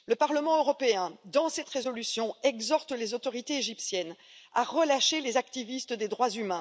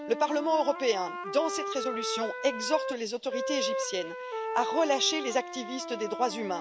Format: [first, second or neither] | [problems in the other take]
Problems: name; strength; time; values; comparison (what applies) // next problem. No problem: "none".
first | background sound (Wind instrument, woodwind instrument); 5 dB below the speech